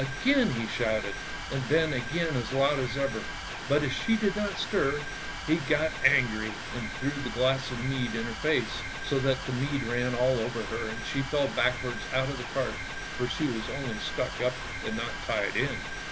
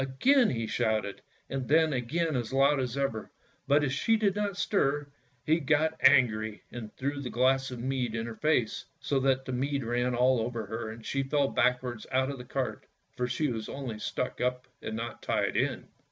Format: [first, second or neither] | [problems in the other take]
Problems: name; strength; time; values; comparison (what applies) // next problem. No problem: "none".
second | background sound (Mechanisms); 6 dB below the speech